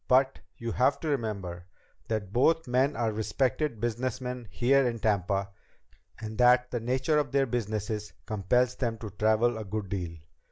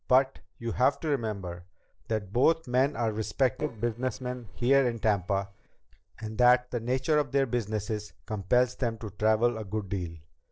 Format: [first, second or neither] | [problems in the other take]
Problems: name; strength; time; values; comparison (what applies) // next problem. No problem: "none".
first | noise reduction (neural separator model SepFormer DNS4)